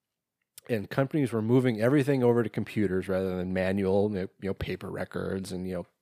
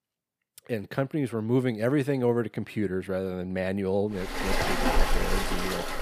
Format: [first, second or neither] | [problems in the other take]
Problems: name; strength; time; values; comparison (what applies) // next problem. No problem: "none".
first | rain or running water; very loud; from 4.5 s on; as loud as the speech